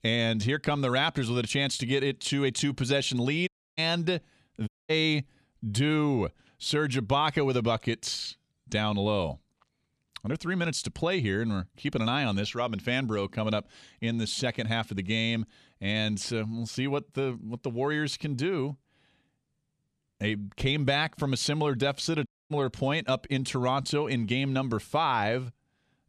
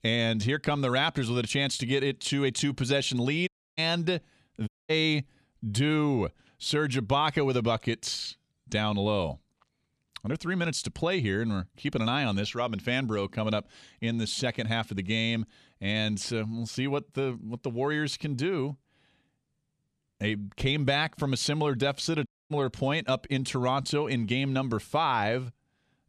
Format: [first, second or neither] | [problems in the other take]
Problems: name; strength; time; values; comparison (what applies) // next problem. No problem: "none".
neither | audio cutting out; at 3.5 s, at 4.5 s and at 22 s; the same in both